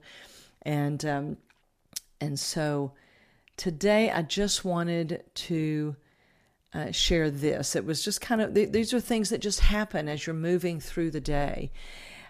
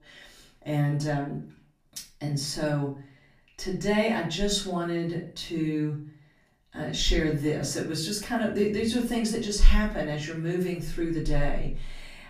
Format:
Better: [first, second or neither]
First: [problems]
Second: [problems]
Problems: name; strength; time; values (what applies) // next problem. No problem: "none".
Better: first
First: none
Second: off-mic speech; far // room echo; slight; dies away in 0.4 s